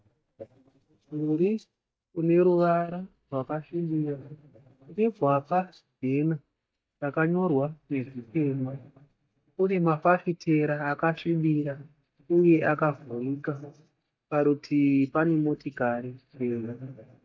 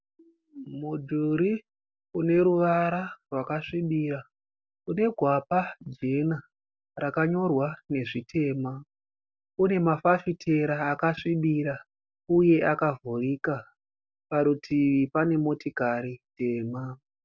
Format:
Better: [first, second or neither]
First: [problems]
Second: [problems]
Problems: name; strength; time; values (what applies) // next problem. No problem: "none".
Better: second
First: noise reduction (neural mask model DeepFilterNet 3)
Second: none